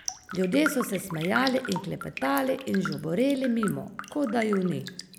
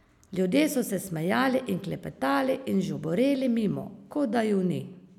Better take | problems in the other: second | background sound (Raindrop); 10 dB below the speech

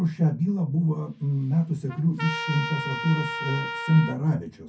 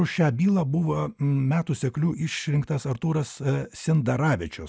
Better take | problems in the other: second | background sound (Trumpet); 9 dB below the speech // room echo; dies away in 0.3 s

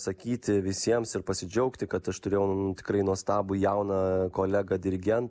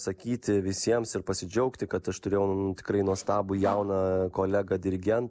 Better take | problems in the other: first | noise reduction (neural separator model SepFormer DNS4)

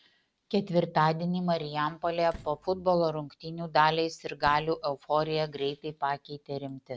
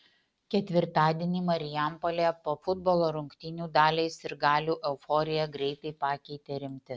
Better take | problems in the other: second | background sound (Slam); 18 dB below the speech

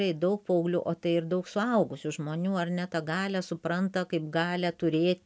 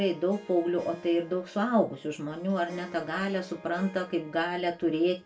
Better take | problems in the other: first | background sound (Harp); 20 dB below the speech // room echo; dies away in 0.2 s

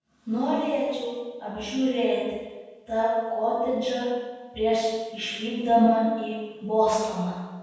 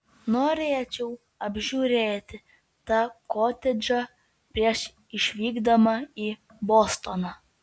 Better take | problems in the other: second | room echo; dies away in 1.2 s

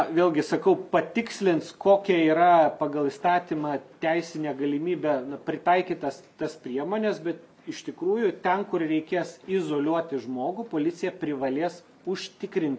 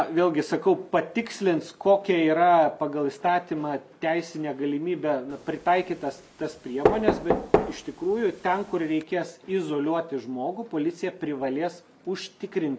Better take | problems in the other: first | background sound (Knock); 3 dB below the speech

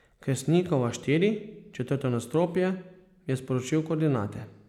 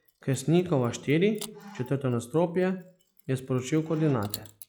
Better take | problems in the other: first | noise reduction (classical method log-MMSE)

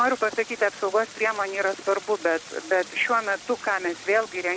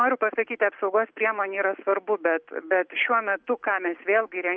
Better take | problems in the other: second | background sound (Stream); 17 dB below the speech

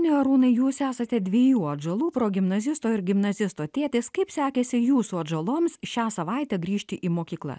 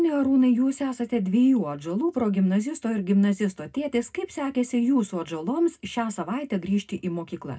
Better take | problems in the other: first | room echo; dies away in 0.2 s

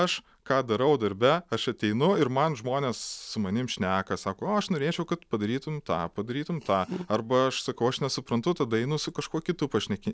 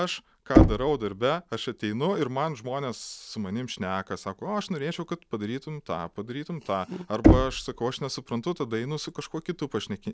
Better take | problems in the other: first | background sound (Knock); 4 dB above the speech

